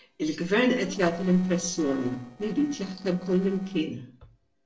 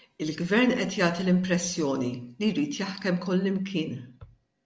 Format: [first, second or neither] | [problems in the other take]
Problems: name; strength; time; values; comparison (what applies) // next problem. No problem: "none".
second | noise reduction (neural separator model SepFormer DNS4)